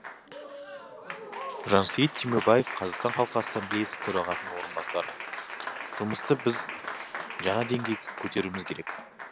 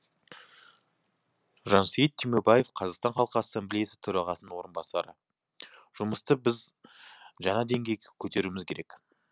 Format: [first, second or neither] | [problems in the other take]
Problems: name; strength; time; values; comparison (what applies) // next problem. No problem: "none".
second | background sound (Applause); 7 dB below the speech